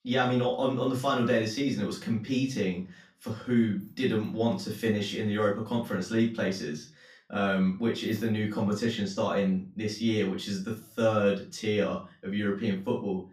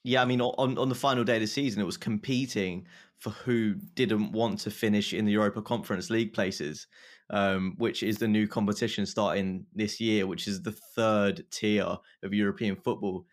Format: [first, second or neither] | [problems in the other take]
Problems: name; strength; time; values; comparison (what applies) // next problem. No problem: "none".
second | room echo; slight; dies away in 0.3 s // off-mic speech; far